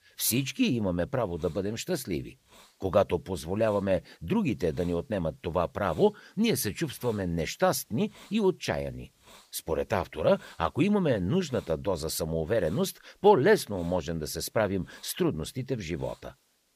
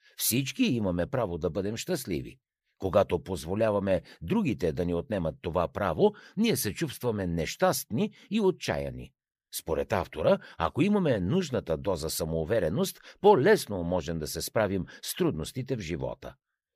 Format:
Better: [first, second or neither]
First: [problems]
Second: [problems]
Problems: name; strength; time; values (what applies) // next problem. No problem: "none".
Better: second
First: hiss; faint; throughout; 30 dB below the speech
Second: none